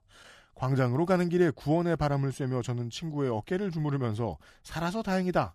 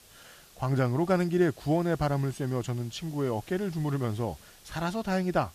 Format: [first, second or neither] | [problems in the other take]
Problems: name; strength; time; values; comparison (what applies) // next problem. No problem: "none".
first | hiss; faint; throughout; 25 dB below the speech